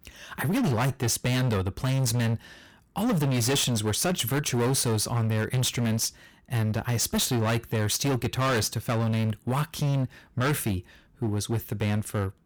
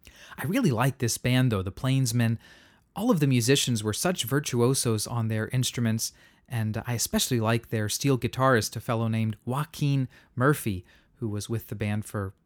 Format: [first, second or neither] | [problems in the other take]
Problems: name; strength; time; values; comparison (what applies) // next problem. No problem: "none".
second | distortion; heavy; 23% of the sound clipped